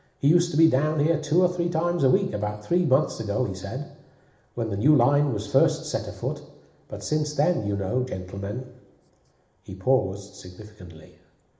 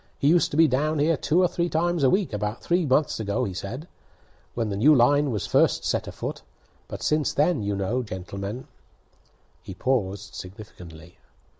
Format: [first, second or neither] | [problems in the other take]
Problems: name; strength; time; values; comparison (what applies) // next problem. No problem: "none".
second | room echo; dies away in 1 s